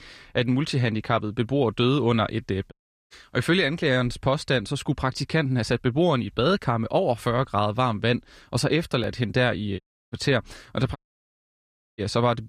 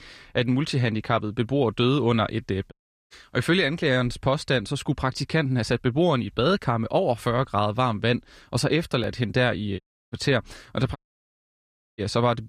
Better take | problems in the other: neither | audio cutting out; at 2.5 s, at 10 s and at 11 s for 1 s; the same in both

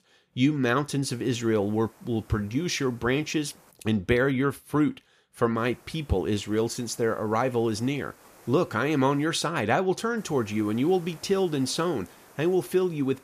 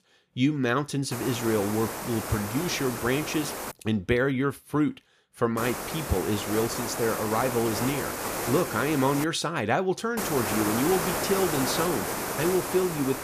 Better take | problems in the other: first | hiss; loud; from 1 to 3.5 s, from 5.5 to 9 s and from 10 s on; 4 dB below the speech; faint in the first

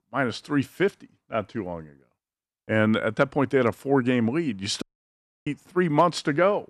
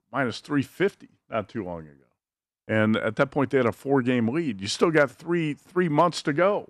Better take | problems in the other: second | audio cutting out; at 5 s for 0.5 s

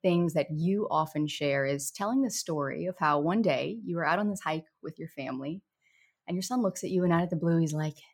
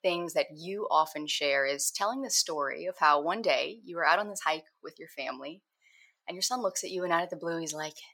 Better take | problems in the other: first | thin; very; fading below 600 Hz

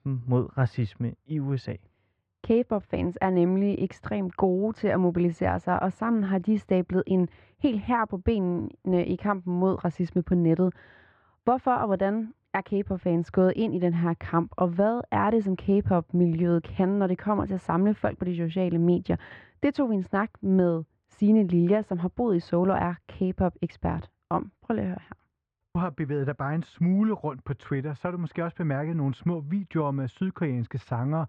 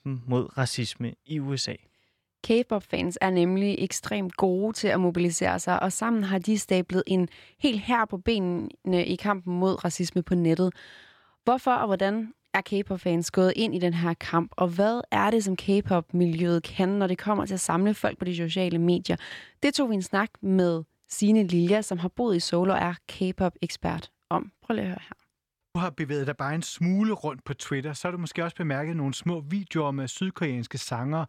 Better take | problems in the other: second | muffled; very; fading above 1.5 kHz

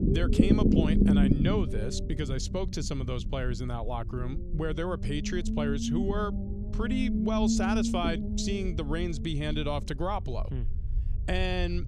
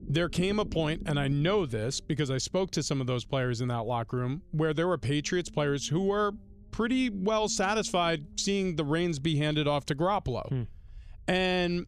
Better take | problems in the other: second | low rumble; loud; throughout; 1 dB below the speech; faint in the second

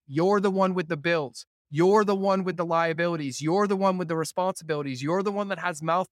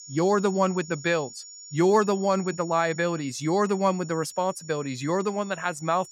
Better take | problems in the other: first | high-pitched whine; noticeable; throughout; 7 kHz, 15 dB below the speech

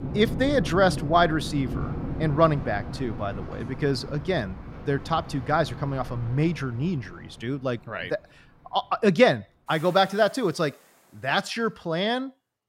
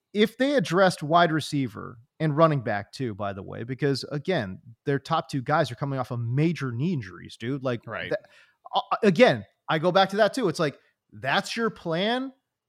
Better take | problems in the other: second | rain or running water; noticeable; throughout; 10 dB below the speech

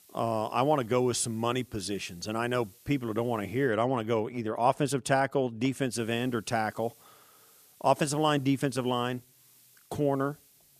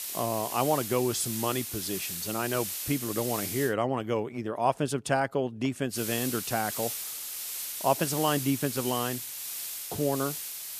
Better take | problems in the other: first | hiss; loud; until 3.5 s and from 6 s on; 4 dB below the speech; faint in the first

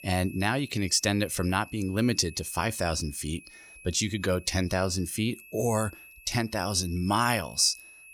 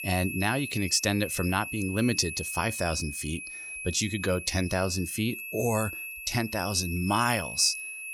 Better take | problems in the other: first | high-pitched whine; loud; throughout; 2.5 kHz, 8 dB below the speech; faint in the first

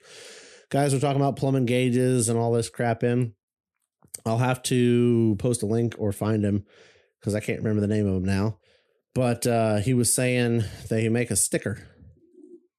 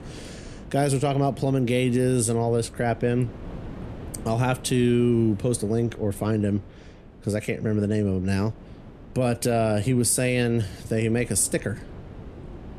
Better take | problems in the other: first | wind noise on the microphone; occasional gusts; 20 dB below the speech

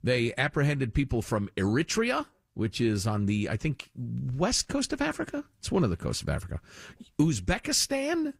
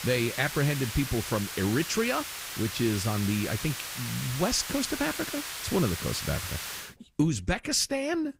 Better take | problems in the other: first | hiss; loud; until 7 s; 6 dB below the speech

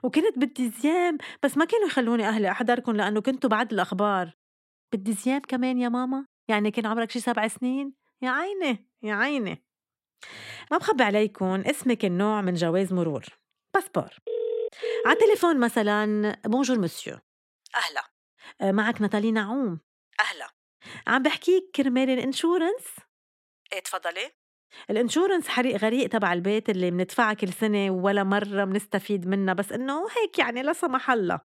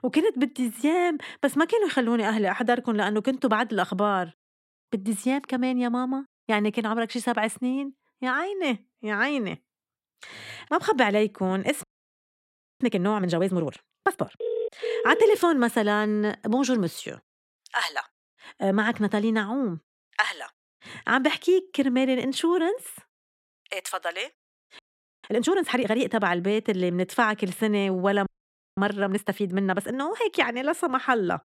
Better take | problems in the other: first | audio freezing; at 12 s for 1 s, at 25 s and at 28 s for 0.5 s

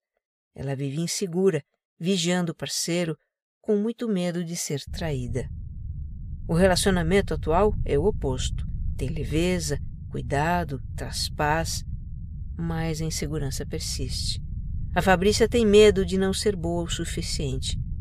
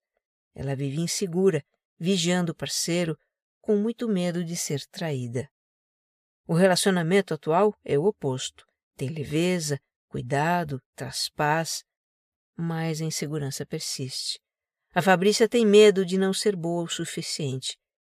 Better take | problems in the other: second | low rumble; faint; from 5 s on; 25 dB below the speech

